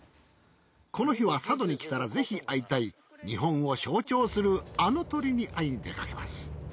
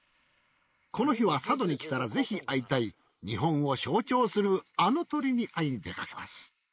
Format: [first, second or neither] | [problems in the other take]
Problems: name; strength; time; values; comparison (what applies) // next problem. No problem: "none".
first | noise reduction (neural mask model Resemble Enhance denoiser)